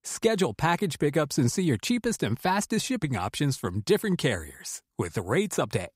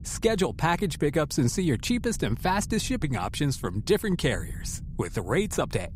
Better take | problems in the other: first | low rumble; faint; throughout; 25 dB below the speech

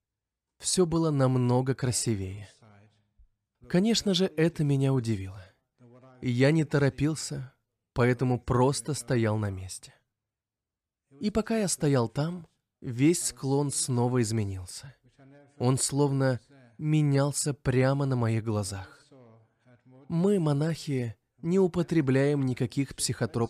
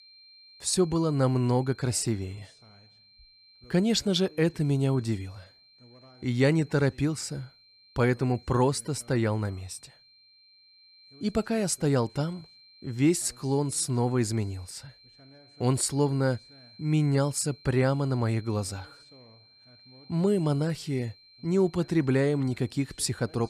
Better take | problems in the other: first | high-pitched whine; faint; throughout; 4 kHz, 25 dB below the speech

